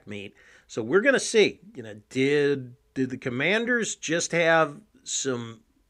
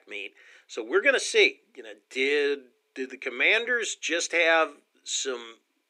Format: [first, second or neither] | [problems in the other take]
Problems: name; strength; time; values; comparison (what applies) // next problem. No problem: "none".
first | thin; somewhat; fading below 300 Hz